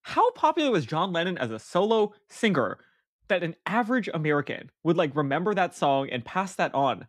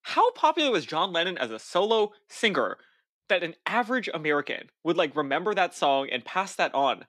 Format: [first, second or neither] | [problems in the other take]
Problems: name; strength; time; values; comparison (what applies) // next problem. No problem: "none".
first | thin; very slightly; fading below 300 Hz